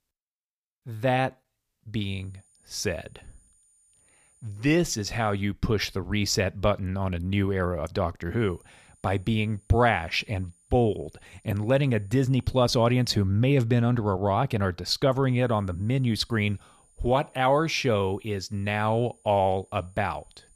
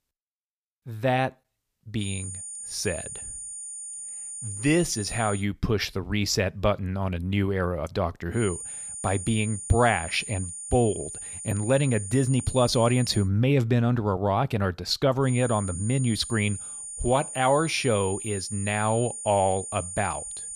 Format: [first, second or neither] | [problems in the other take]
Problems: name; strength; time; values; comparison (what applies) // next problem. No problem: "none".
first | high-pitched whine; loud; from 2 to 5.5 s, from 8.5 to 13 s and from 15 s on; 9 kHz, 9 dB below the speech; faint in the first